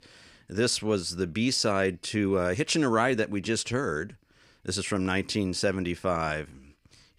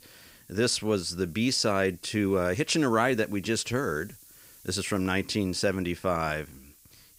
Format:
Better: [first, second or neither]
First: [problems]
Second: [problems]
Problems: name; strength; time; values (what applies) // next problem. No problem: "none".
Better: first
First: none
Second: hiss; faint; throughout; 25 dB below the speech